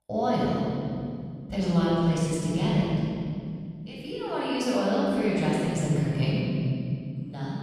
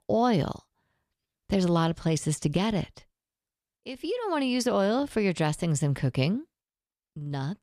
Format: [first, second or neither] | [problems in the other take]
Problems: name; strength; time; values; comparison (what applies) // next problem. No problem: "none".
second | off-mic speech; far // room echo; strong; dies away in 2.6 s